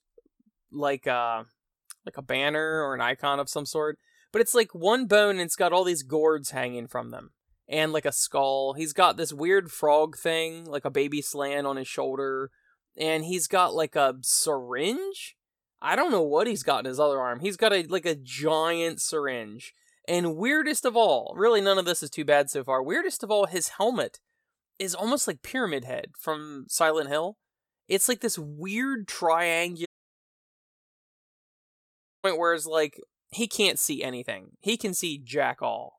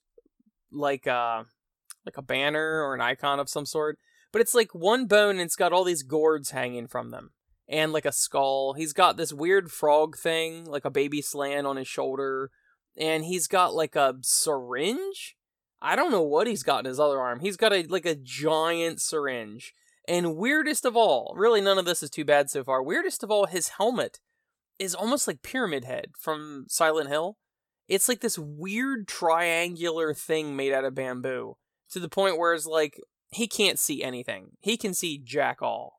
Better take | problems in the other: second | audio cutting out; at 30 s for 2.5 s

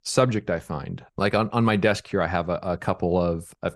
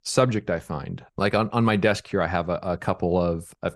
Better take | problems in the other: neither | none

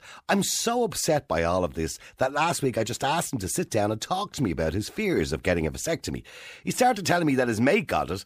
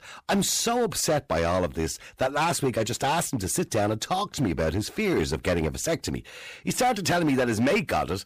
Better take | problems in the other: first | distortion; slight; 9% of the sound clipped

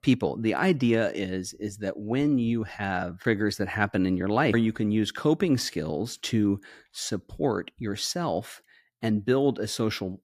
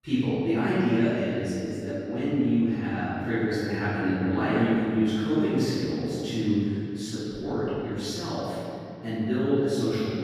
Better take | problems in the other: first | room echo; strong; dies away in 2.5 s // off-mic speech; far

